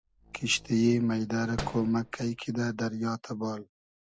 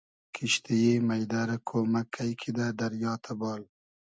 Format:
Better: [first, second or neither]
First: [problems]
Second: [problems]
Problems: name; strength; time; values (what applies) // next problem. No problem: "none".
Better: second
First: background sound (Slam); 15 dB below the speech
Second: none